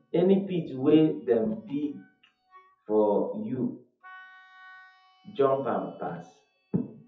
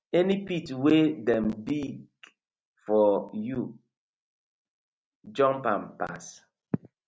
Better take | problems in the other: second | noise reduction (classical method WPE with log-MMSE)

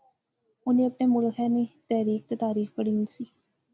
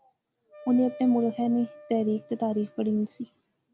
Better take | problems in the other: first | background sound (Wind instrument, woodwind instrument); 19 dB below the speech

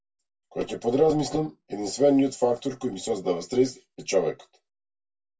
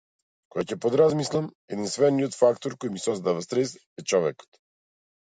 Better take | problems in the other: second | room echo; dies away in 0.1 s

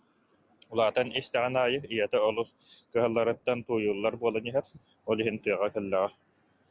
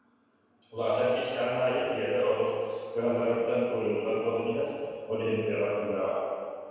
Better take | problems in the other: first | room echo; dies away in 1.9 s

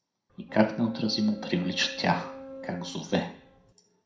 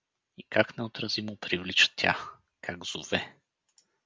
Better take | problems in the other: second | background sound (Boat, Water vehicle); 14 dB below the speech // room echo; dies away in 0.4 s

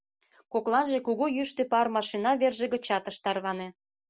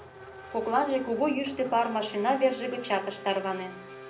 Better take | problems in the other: first | background sound (Race car, auto racing / Accelerating, revving, vroom); 15 dB below the speech // room echo; dies away in 0.5 s

